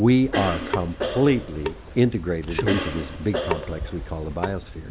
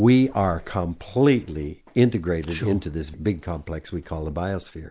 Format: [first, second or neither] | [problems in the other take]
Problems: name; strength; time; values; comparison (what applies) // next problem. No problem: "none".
second | background sound (Drip / Sink (filling or washing) / Water tap, faucet + Cough); 6 dB below the speech